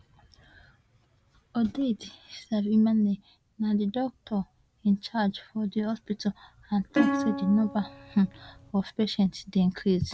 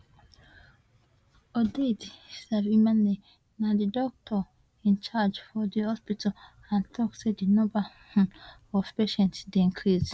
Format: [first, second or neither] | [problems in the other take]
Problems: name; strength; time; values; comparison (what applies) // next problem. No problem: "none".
second | background sound (Plucked string instrument); 2 dB below the speech